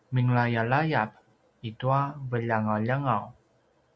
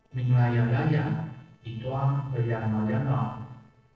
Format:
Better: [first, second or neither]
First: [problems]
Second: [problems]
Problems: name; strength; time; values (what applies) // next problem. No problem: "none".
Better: first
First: none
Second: noise reduction (neural separator model SepFormer DNS4)